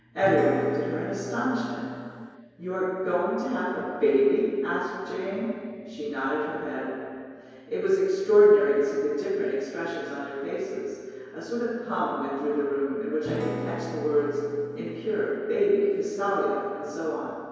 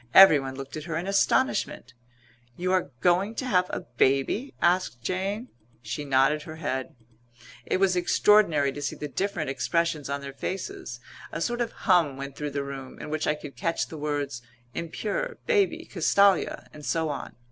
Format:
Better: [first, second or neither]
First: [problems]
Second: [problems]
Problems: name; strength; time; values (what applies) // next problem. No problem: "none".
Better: second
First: background sound (Acoustic guitar / Strum); 9 dB below the speech // room echo; dies away in 2.2 s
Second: none